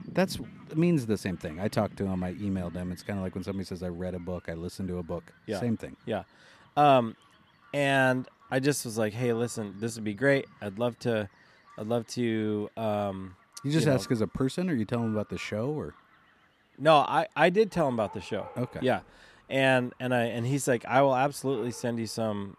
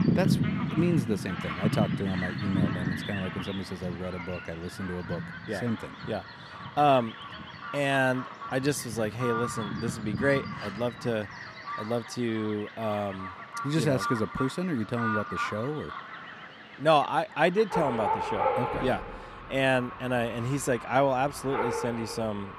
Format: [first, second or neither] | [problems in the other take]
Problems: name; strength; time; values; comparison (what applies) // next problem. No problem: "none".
first | animal sounds; loud; throughout; 5 dB below the speech; faint in the first